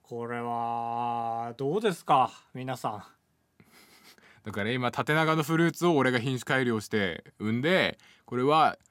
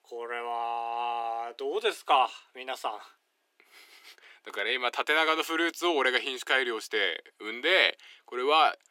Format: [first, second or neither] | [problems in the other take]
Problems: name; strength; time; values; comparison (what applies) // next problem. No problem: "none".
first | thin; very; fading below 350 Hz